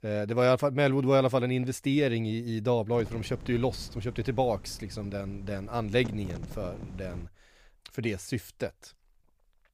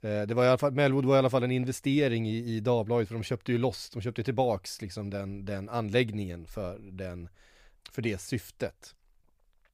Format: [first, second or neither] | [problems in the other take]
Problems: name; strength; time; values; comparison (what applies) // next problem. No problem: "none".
second | wind noise on the microphone; occasional gusts; from 3 to 7 s; 20 dB below the speech